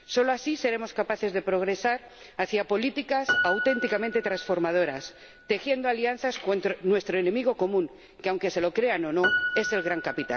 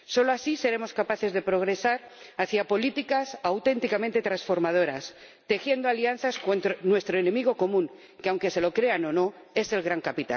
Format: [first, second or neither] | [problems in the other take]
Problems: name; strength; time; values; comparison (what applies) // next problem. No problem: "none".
second | background sound (Piano); 8 dB below the speech